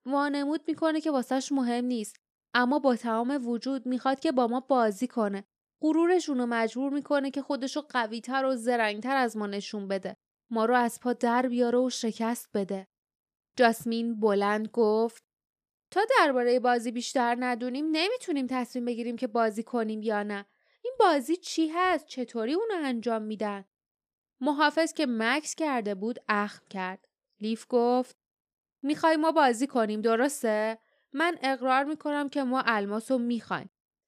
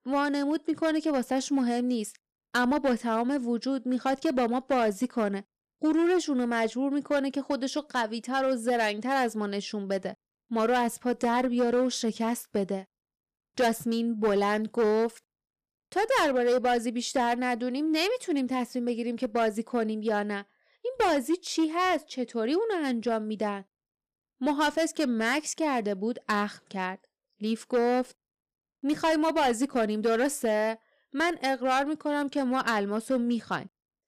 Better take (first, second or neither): first